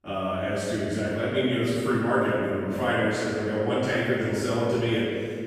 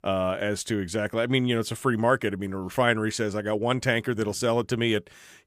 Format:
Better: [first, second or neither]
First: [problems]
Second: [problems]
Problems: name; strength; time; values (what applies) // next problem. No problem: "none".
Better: second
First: off-mic speech; far // room echo; strong; dies away in 2.1 s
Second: none